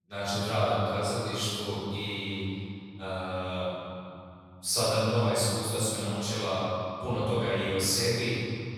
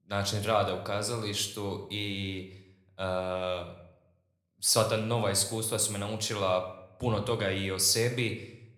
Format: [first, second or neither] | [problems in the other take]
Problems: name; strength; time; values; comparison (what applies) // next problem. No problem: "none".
second | room echo; strong; dies away in 2.6 s; slight in the second // off-mic speech; far